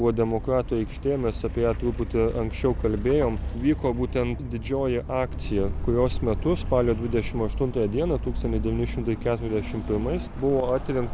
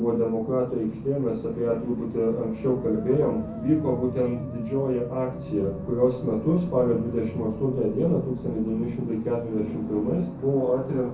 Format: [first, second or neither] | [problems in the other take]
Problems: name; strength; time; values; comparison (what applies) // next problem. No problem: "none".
first | background sound (Musical instrument); 20 dB below the speech // room echo; dies away in 0.6 s